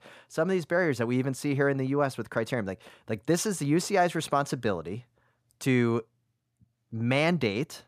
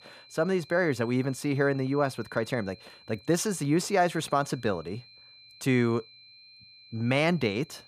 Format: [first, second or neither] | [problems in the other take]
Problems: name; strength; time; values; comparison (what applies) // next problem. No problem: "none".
first | high-pitched whine; faint; throughout; 4 kHz, 25 dB below the speech